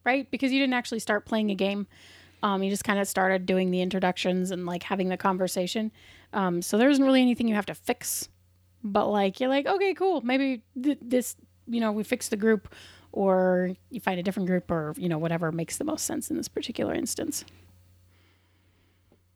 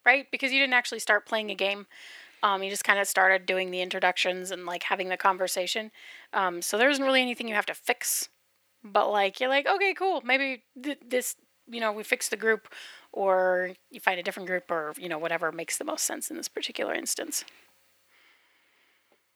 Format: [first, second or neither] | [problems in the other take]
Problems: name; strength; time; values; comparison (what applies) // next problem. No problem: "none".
first | thin; somewhat; fading below 550 Hz